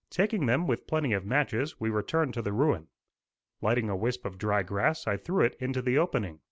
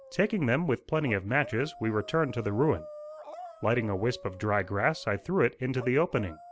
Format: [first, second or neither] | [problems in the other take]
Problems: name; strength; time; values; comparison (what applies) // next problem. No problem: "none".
first | background sound (Dog); 18 dB below the speech